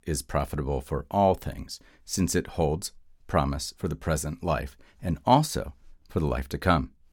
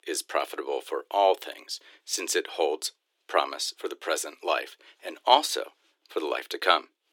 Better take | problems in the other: first | thin; very; fading below 300 Hz

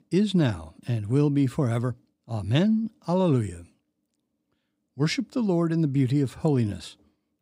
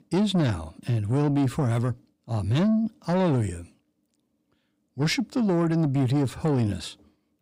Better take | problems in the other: first | distortion; slight; 10 dB below the speech

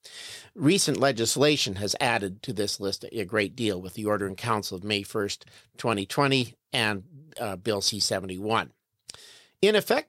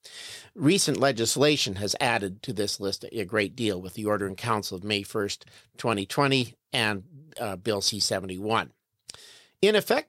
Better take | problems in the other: neither | none

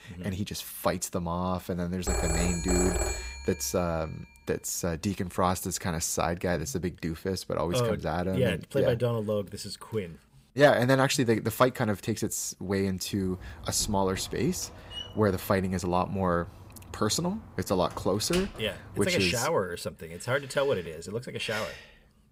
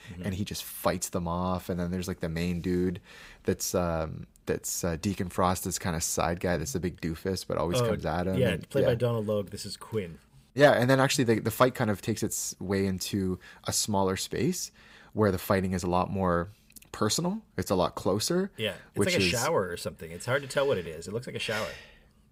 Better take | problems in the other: second | phone ringing; loud; from 2 to 3.5 s; peak 1 dB above the speech // door banging; noticeable; from 13 to 19 s; peak 7 dB below the speech

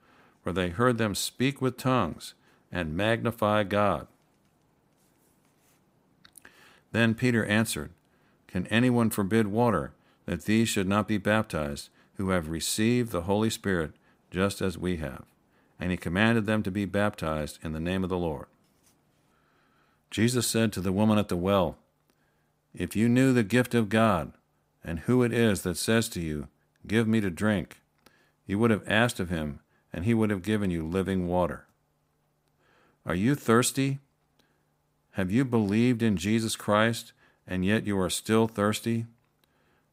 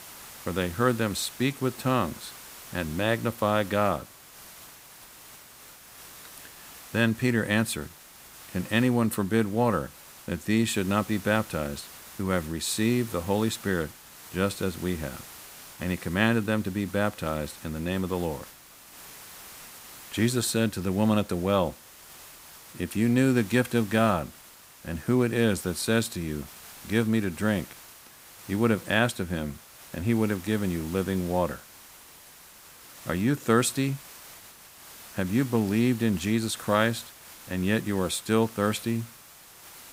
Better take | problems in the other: first | hiss; noticeable; throughout; 15 dB below the speech

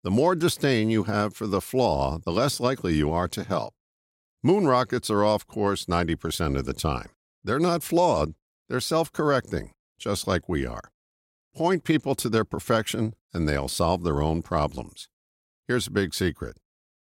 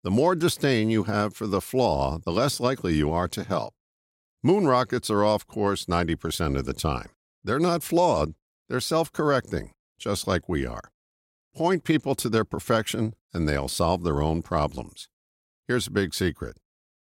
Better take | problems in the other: neither | none

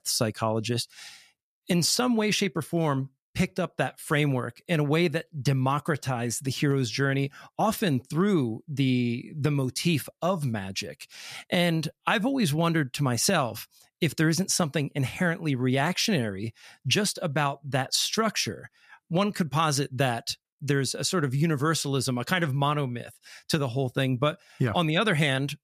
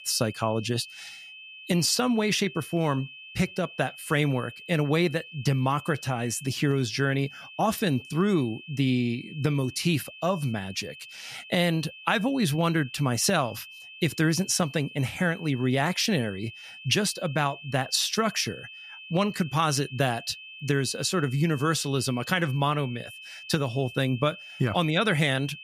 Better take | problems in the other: first | high-pitched whine; noticeable; throughout; 2.5 kHz, 15 dB below the speech

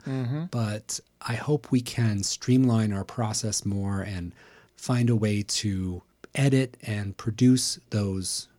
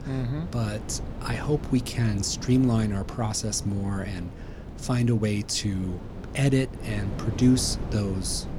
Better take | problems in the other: first | wind noise on the microphone; occasional gusts; 10 dB below the speech

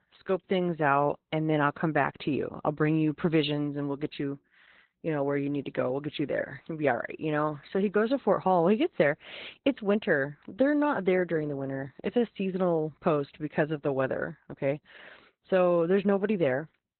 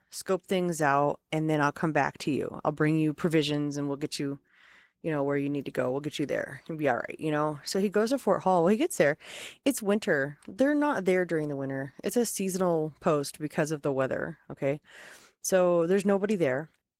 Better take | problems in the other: second | garbled, watery; badly; nothing above 4 kHz; slightly in the second

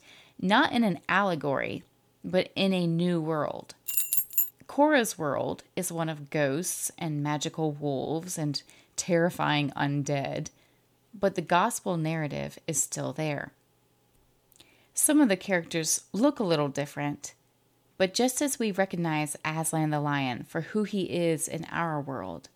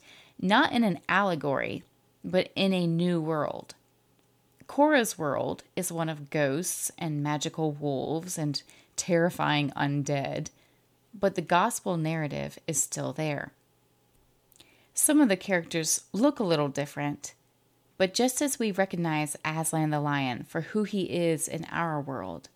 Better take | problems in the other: second | jangling keys; loud; at 4 s; peak 5 dB above the speech

